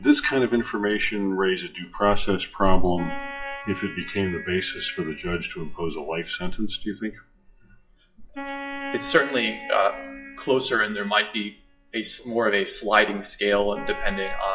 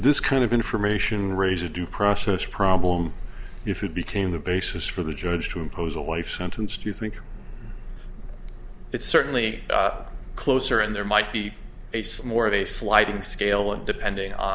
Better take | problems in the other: second | noise reduction (classical method WPE with log-MMSE)

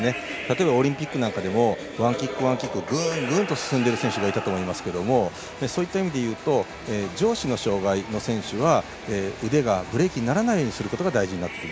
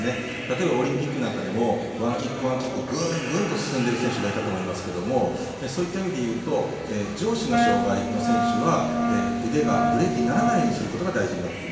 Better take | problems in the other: first | background sound (Wind instrument, woodwind instrument); as loud as the speech // room echo; dies away in 1.3 s

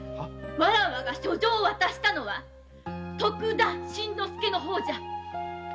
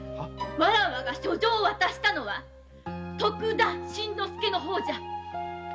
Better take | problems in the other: first | background sound (Bowed string instrument); 12 dB below the speech

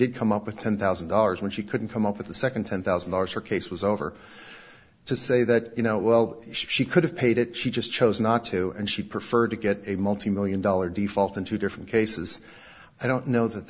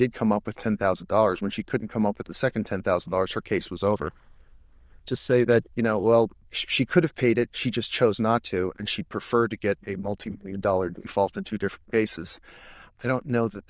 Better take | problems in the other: first | noise reduction (neural diffusion model UNIVERSE++)

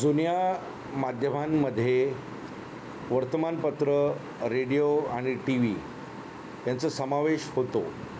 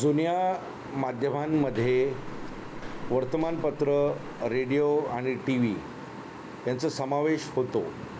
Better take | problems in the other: first | background sound (Walk, footsteps); 13 dB below the speech

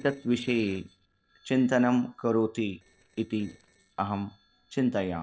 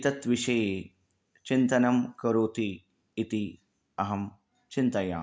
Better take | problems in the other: second | noise reduction (neural separator model SepFormer DNS4)

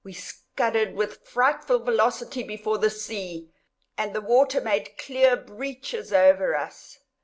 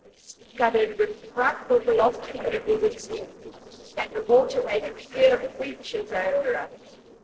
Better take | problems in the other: first | noise reduction (neural separator model SepFormer DNS4)

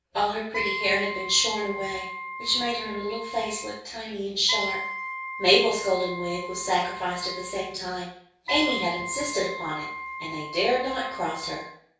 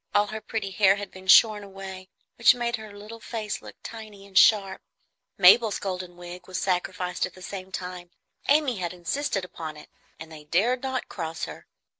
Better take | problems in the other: second | background sound (Wind instrument, woodwind instrument); 8 dB below the speech // room echo; dies away in 0.6 s

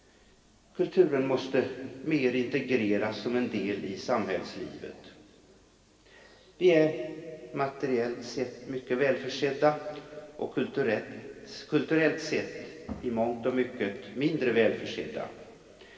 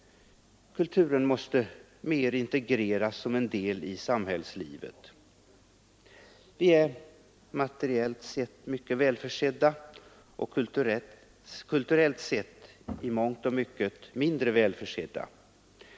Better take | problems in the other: second | room echo; dies away in 2.3 s

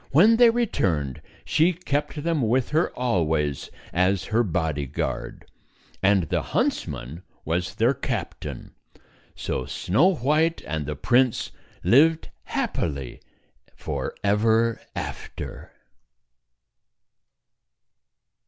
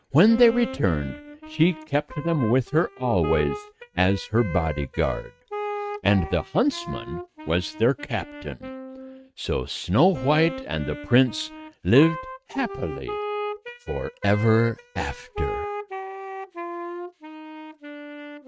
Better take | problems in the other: first | noise reduction (neural mask model RNNoise)

